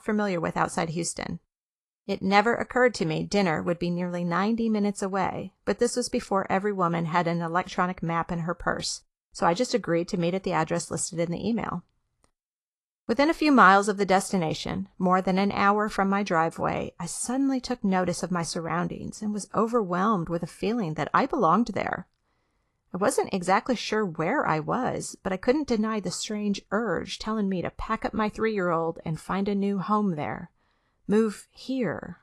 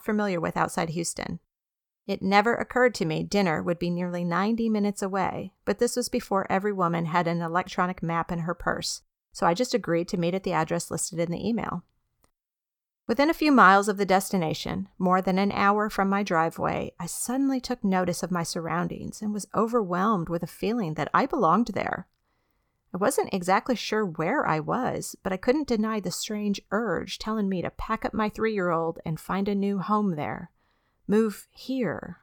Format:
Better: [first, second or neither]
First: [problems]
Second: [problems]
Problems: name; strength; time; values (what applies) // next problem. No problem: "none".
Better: second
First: garbled, watery; slightly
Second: none